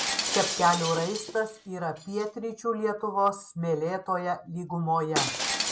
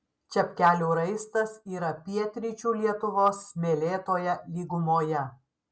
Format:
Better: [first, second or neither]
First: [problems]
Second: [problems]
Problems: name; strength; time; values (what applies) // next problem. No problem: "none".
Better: second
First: background sound (Shatter); 6 dB below the speech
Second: none